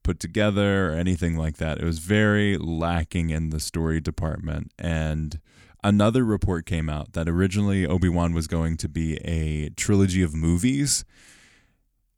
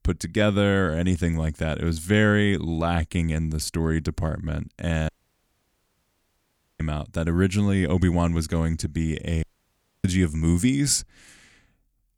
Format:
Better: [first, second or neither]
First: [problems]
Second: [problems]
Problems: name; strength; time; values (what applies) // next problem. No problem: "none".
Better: first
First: none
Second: audio cutting out; at 5 s for 1.5 s and at 9.5 s for 0.5 s